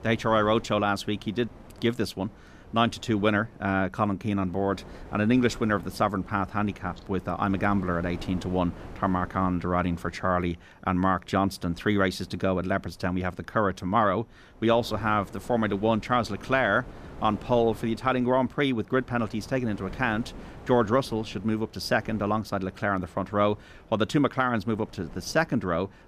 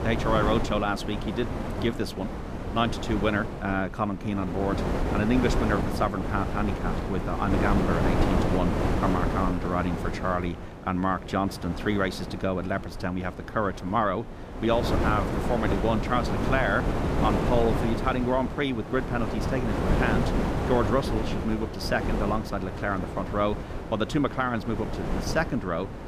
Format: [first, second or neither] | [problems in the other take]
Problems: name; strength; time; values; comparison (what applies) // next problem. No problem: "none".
first | wind noise on the microphone; heavy; 4 dB below the speech; occasional gusts in the first